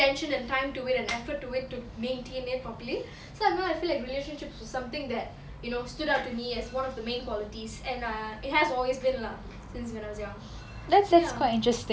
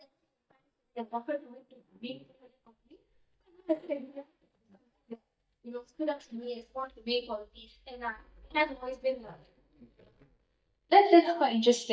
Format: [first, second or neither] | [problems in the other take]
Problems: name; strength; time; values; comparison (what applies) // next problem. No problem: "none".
first | noise reduction (neural mask model DeepFilterNet 3)